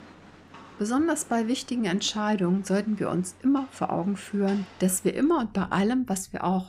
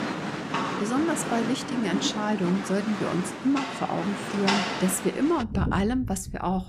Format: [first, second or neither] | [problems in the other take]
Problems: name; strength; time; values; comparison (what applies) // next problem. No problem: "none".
first | rain or running water; loud; throughout; 4 dB below the speech; faint in the first